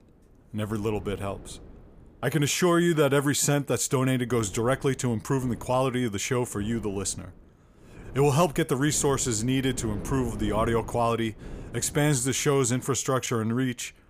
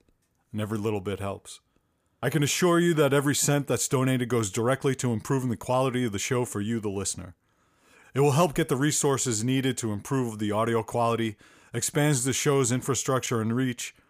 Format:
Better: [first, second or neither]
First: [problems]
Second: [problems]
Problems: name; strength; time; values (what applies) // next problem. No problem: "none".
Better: second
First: wind noise on the microphone; occasional gusts; 20 dB below the speech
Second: none